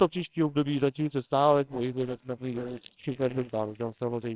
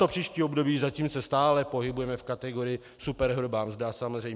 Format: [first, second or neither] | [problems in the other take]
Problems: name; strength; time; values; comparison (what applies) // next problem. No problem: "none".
second | noise reduction (neural separator model SepFormer WHAMR!)